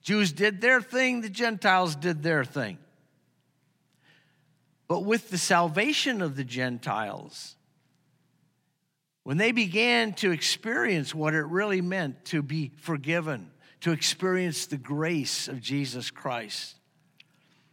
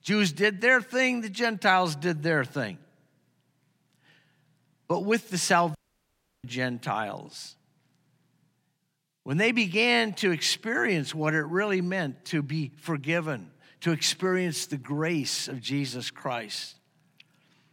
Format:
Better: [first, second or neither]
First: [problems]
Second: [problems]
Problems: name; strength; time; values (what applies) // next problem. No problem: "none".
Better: first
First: none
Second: audio cutting out; at 6 s for 0.5 s